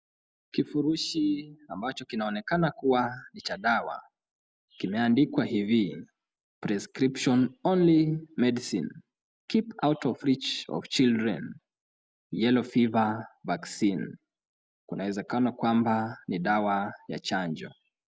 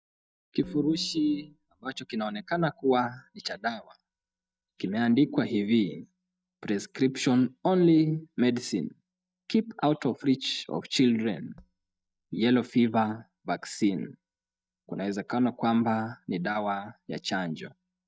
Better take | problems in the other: first | noise reduction (neural mask model DeepFilterNet 3)

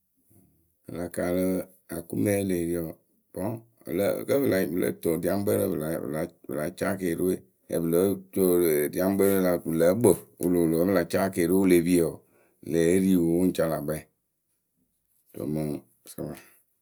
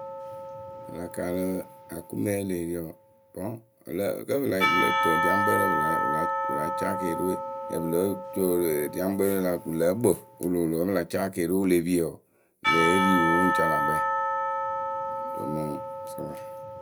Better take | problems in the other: first | background sound (Church bell / Percussion); 1 dB below the speech

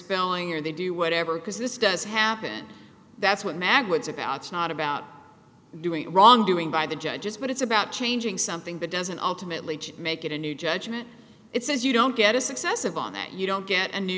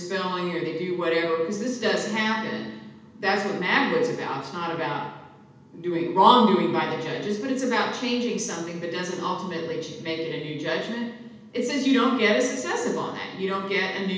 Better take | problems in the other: first | room echo; dies away in 0.8 s

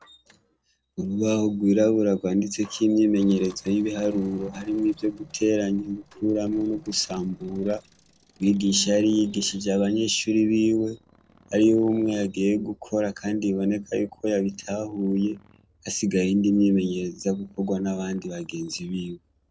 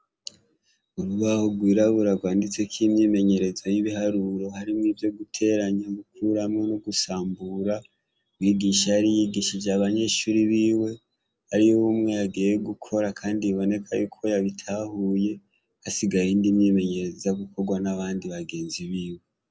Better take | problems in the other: second | noise reduction (neural separator model SepFormer DNS4)

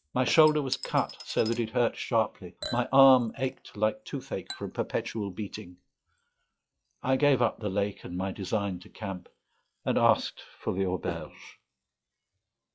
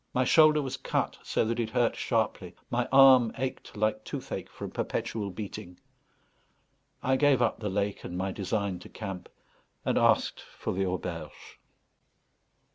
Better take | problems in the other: second | noise reduction (classical method log-MMSE)

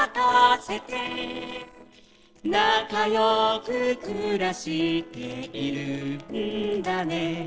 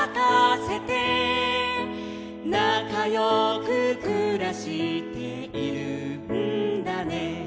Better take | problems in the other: second | noise reduction (neural separator model SepFormer DNS4)

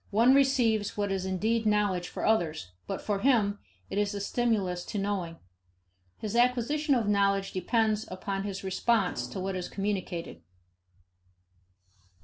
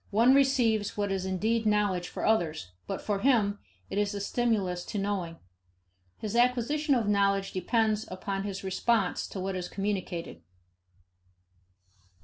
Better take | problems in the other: second | background sound (Thump, thud); 18 dB below the speech

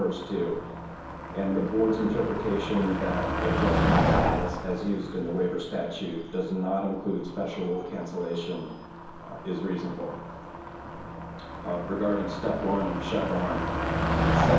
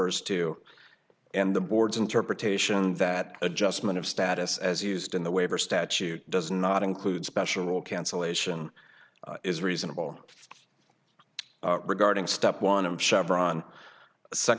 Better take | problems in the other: second | background sound (Motor vehicle (road)); 1 dB below the speech // room echo; dies away in 2.2 s

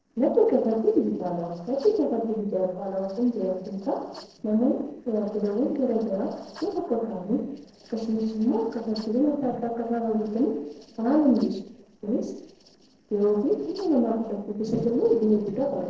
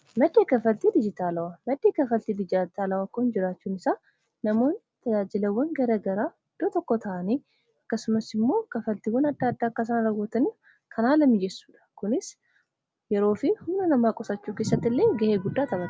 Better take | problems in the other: second | noise reduction (neural separator model SepFormer DNS4)

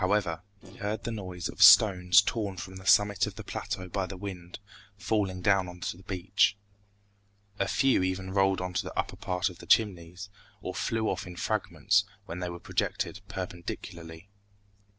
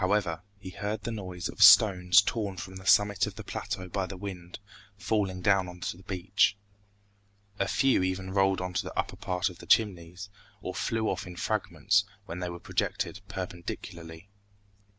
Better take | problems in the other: second | noise reduction (neural separator model SepFormer DNS4)

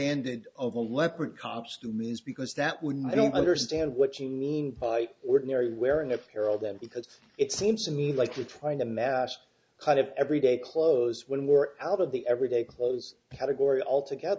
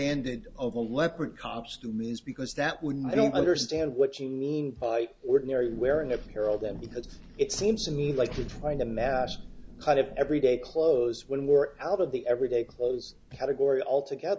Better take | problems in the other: first | background sound (Thunder / Rain); 17 dB below the speech

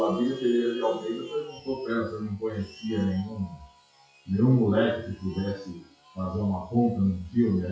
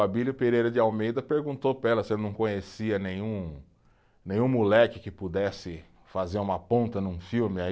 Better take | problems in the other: second | noise reduction (classical method WPE with log-MMSE)

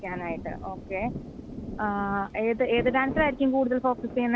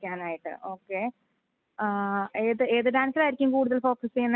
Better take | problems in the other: second | background sound (Rain); 10 dB below the speech

